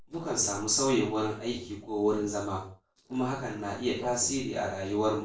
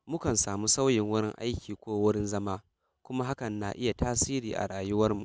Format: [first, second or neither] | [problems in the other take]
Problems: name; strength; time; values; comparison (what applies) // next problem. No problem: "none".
second | noise reduction (neural separator model SepFormer DNS4)